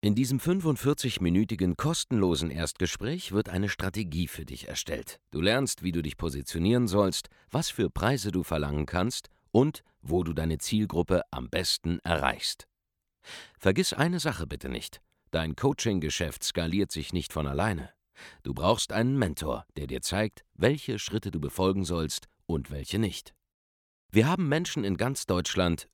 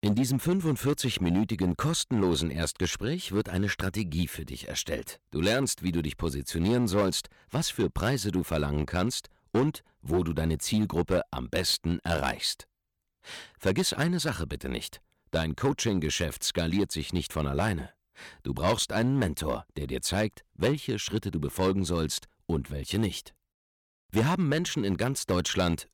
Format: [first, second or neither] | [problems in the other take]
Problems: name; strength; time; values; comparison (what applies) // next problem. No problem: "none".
first | distortion; slight; 4% of the sound clipped